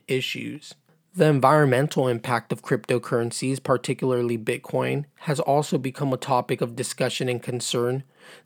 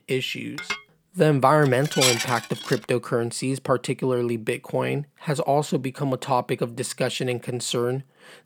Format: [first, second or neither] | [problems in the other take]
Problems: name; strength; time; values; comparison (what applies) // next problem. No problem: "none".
first | clattering dishes; loud; from 0.5 to 2.5 s; peak 4 dB above the speech